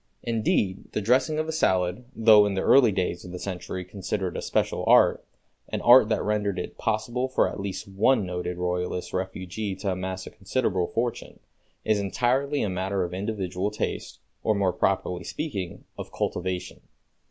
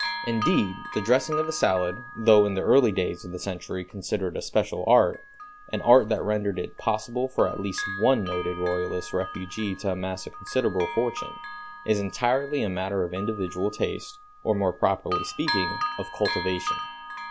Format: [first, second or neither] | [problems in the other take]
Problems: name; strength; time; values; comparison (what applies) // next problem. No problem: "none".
first | background sound (Bell); 10 dB below the speech